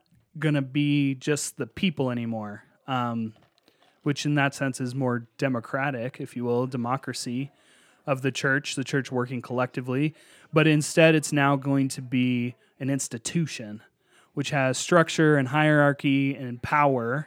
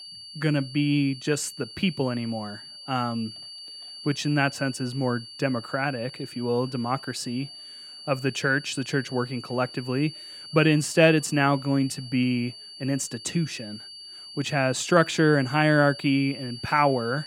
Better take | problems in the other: first | high-pitched whine; noticeable; throughout; 4.5 kHz, 15 dB below the speech

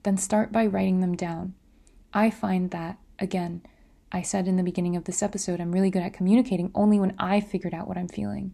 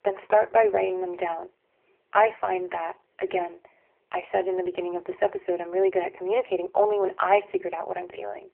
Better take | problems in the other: first | phone-call audio; poor line

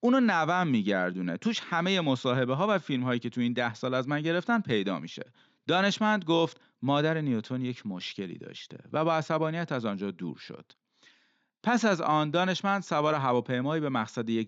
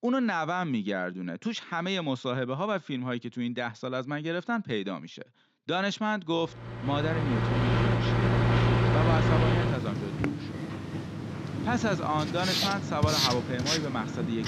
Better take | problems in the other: first | household noises; very loud; from 7 s on; 3 dB above the speech

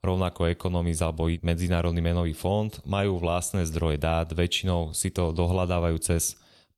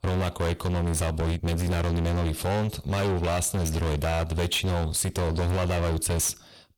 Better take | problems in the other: first | distortion; heavy; 35% of the sound clipped

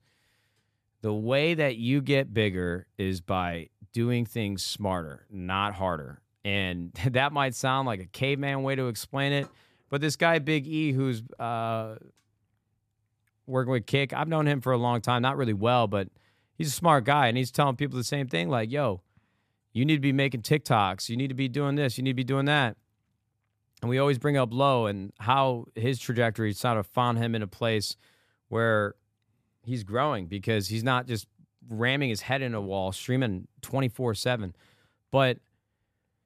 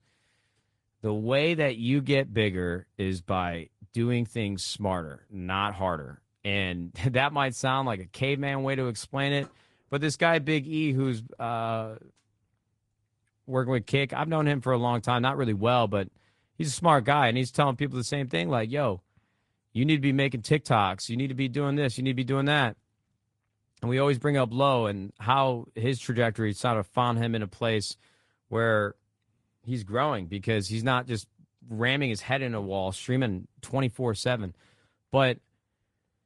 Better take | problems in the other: first | garbled, watery; slightly; nothing above 10.5 kHz

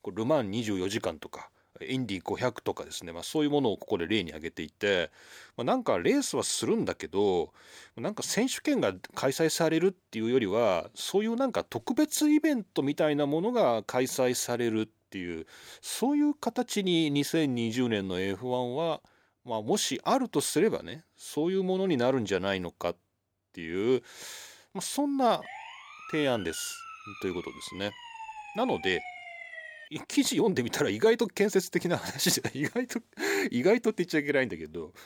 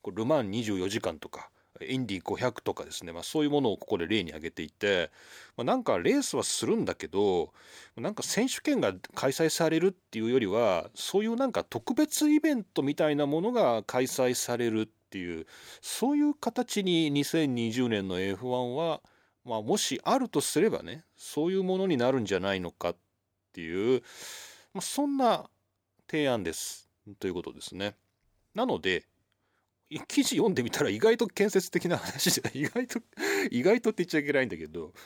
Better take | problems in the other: second | siren; faint; from 25 to 30 s; peak 10 dB below the speech

